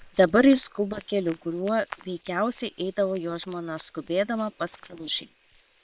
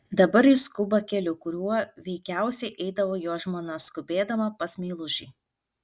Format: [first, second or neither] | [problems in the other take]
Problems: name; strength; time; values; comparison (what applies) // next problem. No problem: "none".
second | noise reduction (neural separator model SepFormer WHAM!)